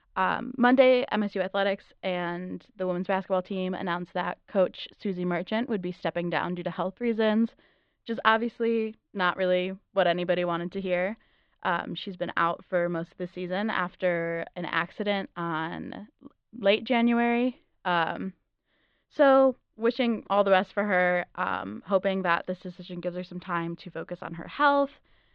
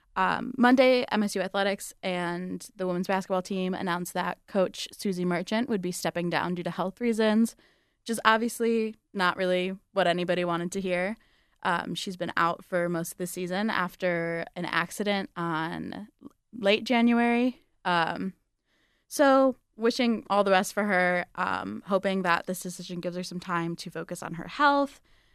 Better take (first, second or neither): second